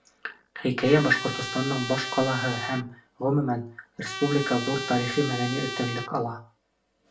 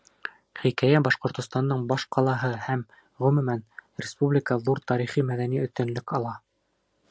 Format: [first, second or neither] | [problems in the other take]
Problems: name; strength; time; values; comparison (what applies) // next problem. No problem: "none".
second | background sound (Trumpet); 8 dB below the speech // room echo; dies away in 0.3 s